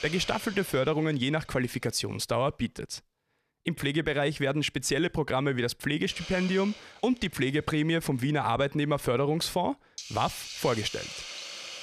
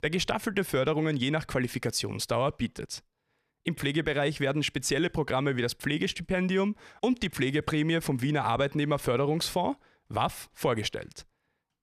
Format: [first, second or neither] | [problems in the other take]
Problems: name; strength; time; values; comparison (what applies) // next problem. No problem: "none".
second | hiss; noticeable; until 3.5 s and from 6 s on; 10 dB below the speech